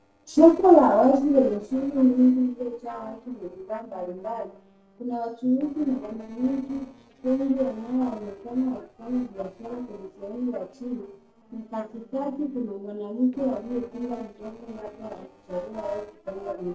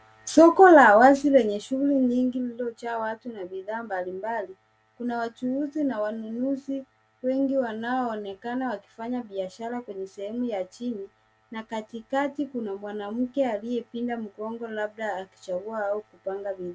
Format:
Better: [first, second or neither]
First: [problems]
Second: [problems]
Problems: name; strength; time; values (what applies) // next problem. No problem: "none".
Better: second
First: noise reduction (neural separator model SepFormer DNS4)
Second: none